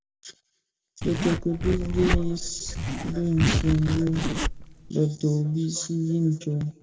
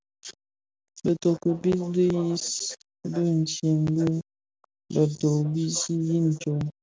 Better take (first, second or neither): second